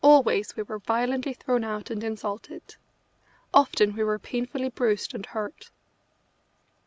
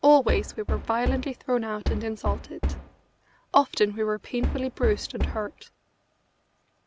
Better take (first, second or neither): first